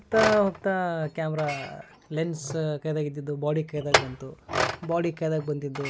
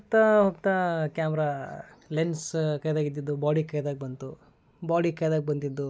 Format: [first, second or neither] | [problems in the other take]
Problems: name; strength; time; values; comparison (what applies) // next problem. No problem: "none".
second | background sound (Chink, clink); 5 dB below the speech